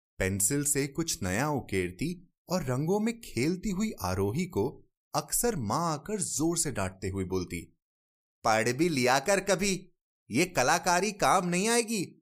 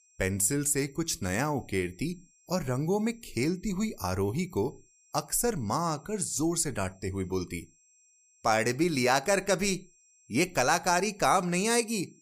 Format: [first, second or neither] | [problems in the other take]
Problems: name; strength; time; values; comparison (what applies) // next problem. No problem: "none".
first | high-pitched whine; faint; throughout; 7.5 kHz, 30 dB below the speech